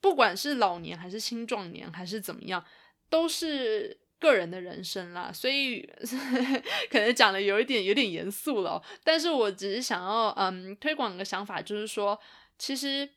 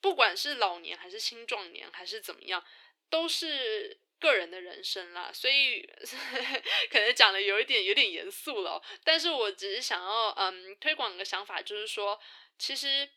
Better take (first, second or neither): first